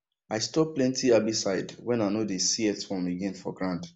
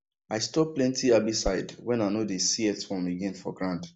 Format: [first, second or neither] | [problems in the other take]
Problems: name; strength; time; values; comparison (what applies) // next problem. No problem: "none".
first | noise reduction (neural mask model Resemble Enhance denoiser)